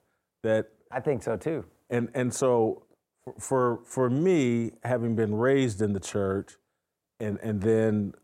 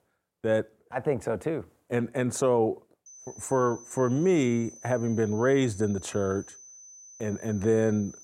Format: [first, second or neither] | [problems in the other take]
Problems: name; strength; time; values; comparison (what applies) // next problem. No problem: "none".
first | high-pitched whine; noticeable; from 3 s on; 6 kHz, 20 dB below the speech